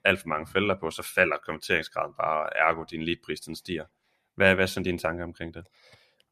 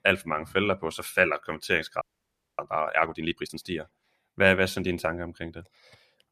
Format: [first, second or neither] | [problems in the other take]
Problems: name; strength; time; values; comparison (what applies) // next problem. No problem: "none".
first | audio freezing; at 2 s for 0.5 s